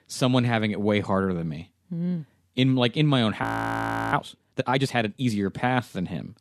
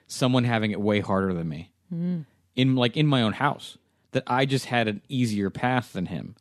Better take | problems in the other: second | audio freezing; at 3.5 s for 0.5 s

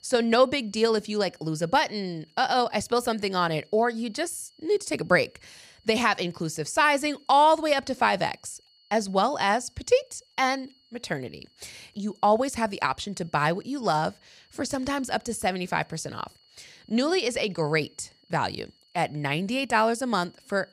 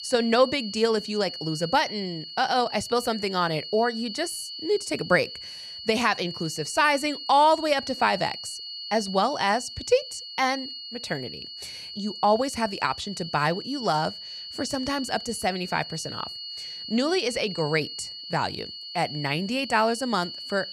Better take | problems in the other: first | high-pitched whine; loud; throughout; 4.5 kHz, 9 dB below the speech; faint in the first

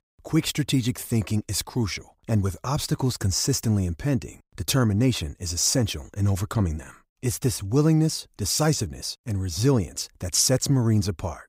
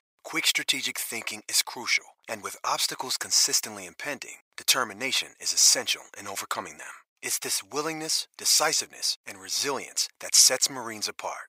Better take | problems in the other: first | thin; very; fading below 850 Hz

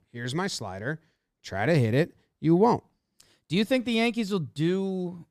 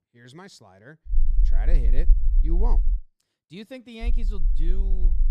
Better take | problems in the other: first | low rumble; loud; from 1 to 3 s and from 4 s on; 10 dB below the speech

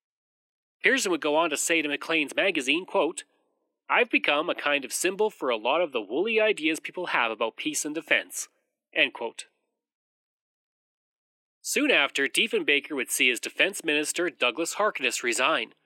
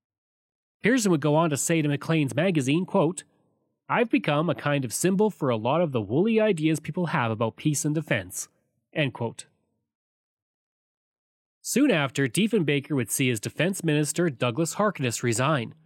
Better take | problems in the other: second | thin; somewhat; fading below 300 Hz

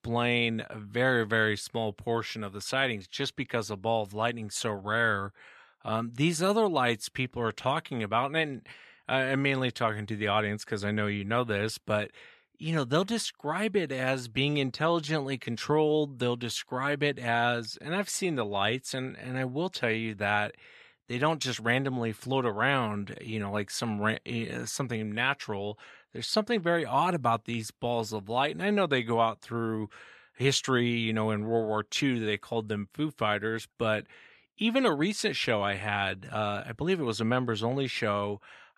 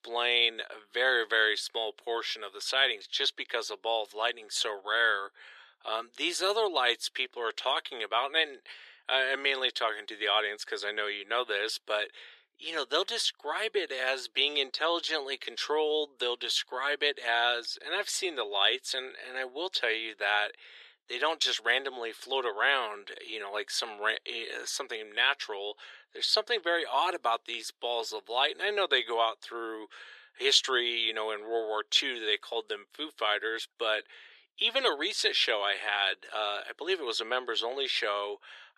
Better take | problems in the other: first | thin; very; fading below 350 Hz

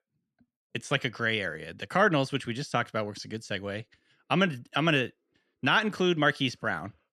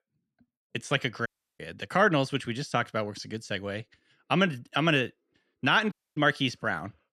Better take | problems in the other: first | audio cutting out; at 1.5 s and at 6 s

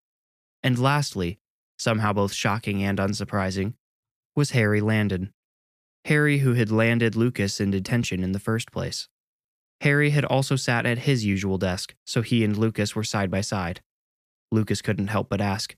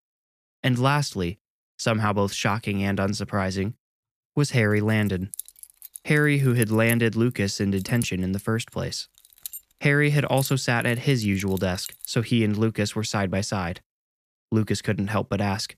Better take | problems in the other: first | jangling keys; noticeable; from 5 to 12 s; peak 8 dB below the speech

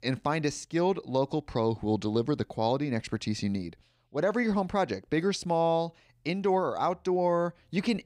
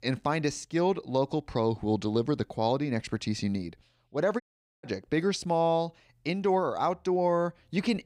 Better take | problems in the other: first | audio cutting out; at 4.5 s

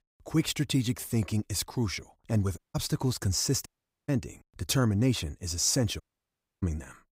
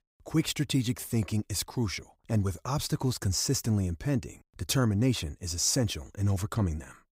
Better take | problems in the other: second | audio cutting out; at 2.5 s, at 3.5 s and at 6 s for 0.5 s

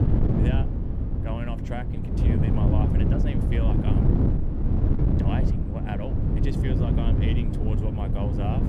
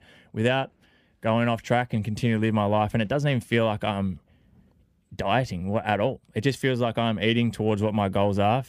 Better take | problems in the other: second | wind noise on the microphone; heavy; 3 dB above the speech

